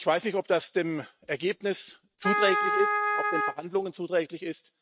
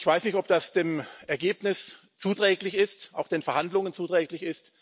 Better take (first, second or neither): second